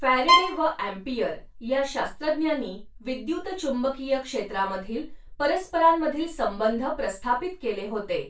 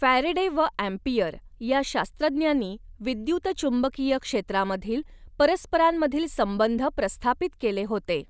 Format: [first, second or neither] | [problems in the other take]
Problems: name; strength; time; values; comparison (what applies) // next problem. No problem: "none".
second | background sound (Bowed string instrument); 2 dB above the speech // room echo; dies away in 0.2 s